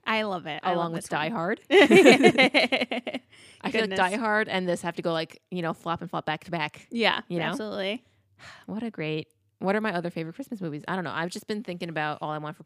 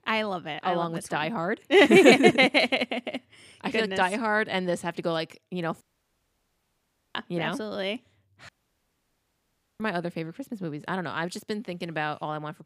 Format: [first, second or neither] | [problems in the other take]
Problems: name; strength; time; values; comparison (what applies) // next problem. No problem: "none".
first | audio cutting out; at 6 s for 1.5 s and at 8.5 s for 1.5 s